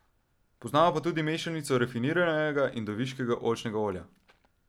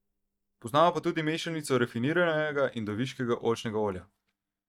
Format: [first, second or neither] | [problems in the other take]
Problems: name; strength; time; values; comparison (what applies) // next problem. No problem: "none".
first | noise reduction (neural mask model DeepFilterNet 3)